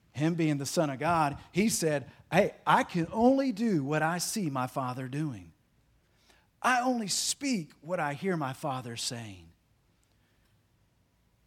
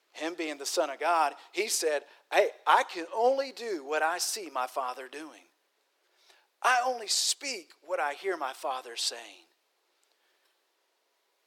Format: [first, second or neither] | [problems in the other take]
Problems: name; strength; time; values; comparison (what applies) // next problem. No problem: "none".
first | thin; very; fading below 400 Hz